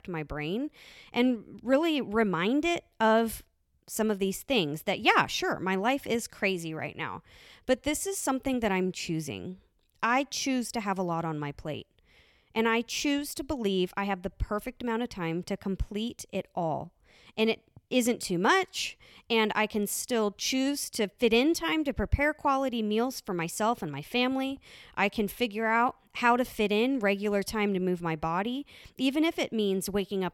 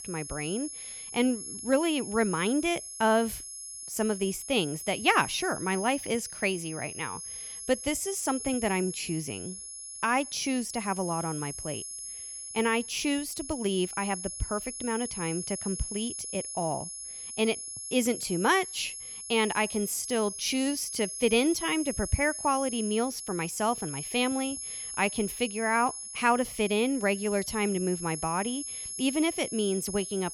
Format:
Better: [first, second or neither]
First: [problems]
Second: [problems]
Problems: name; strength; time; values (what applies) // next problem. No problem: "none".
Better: first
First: none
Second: high-pitched whine; loud; throughout; 11 kHz, 7 dB below the speech